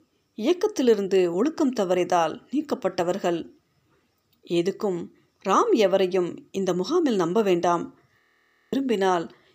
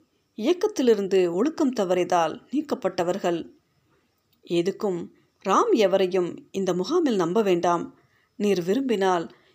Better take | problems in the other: second | audio freezing; at 8 s for 0.5 s

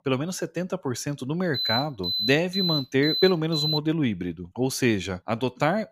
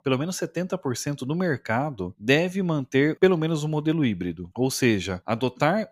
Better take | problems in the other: second | alarm; loud; from 1.5 to 4 s; peak level with the speech

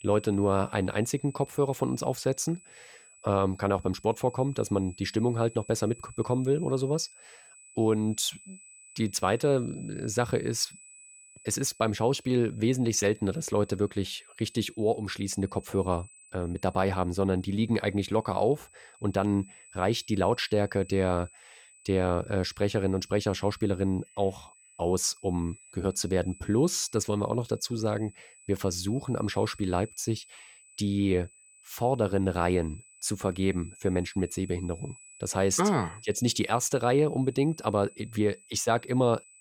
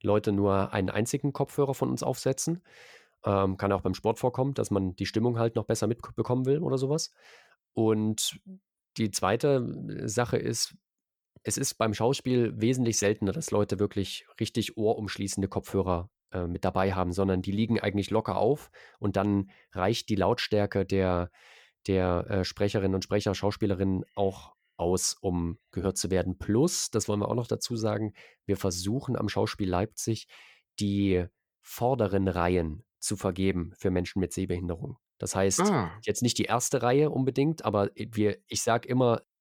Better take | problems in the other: second | high-pitched whine; faint; throughout; 8 kHz, 25 dB below the speech

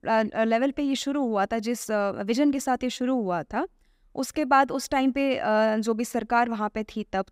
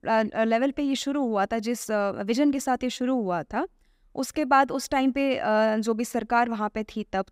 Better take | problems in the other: neither | none

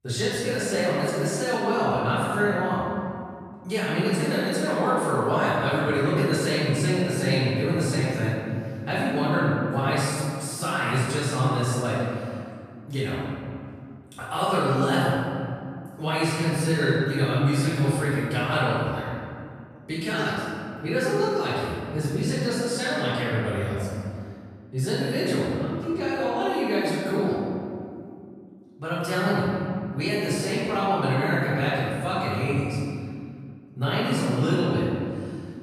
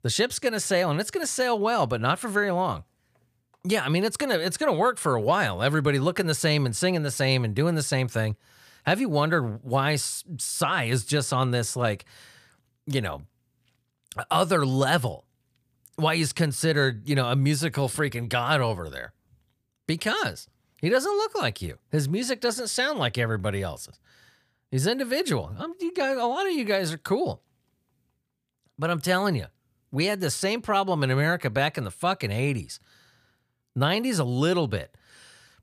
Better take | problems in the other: second | room echo; strong; dies away in 2.3 s // off-mic speech; far

